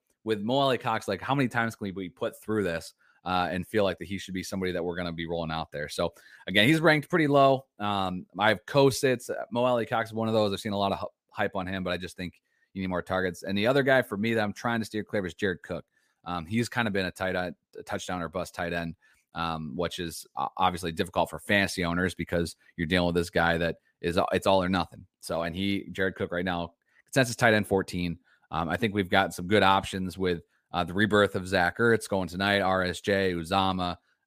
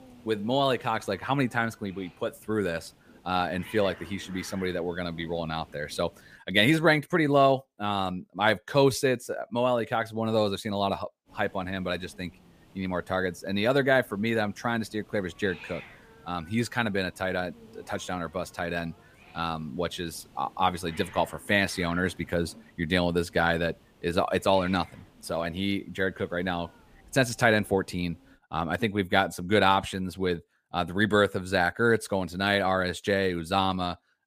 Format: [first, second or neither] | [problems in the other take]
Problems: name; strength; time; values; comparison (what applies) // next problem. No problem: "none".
first | hiss; faint; until 6.5 s and from 11 to 28 s; 25 dB below the speech